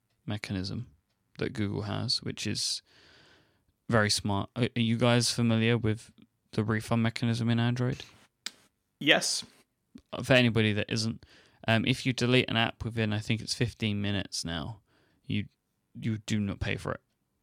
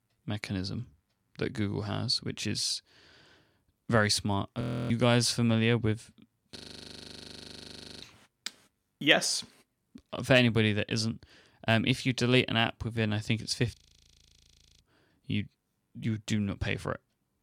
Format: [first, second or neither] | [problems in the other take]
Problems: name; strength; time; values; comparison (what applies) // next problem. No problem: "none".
first | audio freezing; at 4.5 s, at 6.5 s for 1.5 s and at 14 s for 1 s